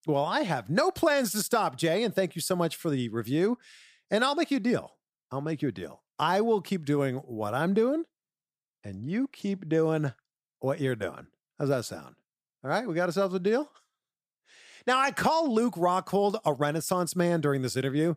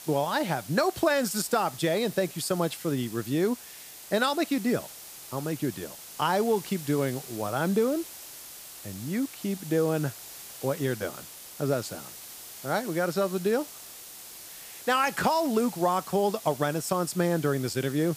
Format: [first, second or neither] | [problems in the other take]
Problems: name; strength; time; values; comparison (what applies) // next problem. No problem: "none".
first | hiss; noticeable; throughout; 15 dB below the speech